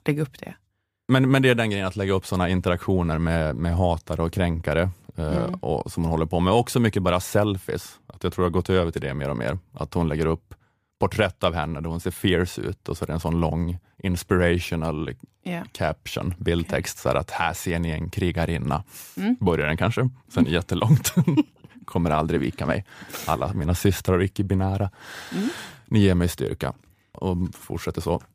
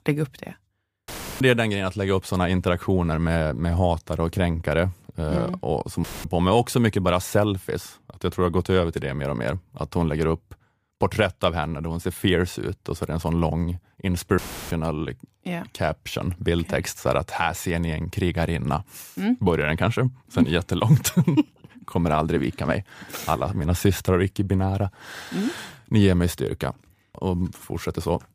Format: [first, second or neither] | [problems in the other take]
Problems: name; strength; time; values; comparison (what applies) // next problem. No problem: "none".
first | audio cutting out; filled with static; at 1 s, at 6 s and at 14 s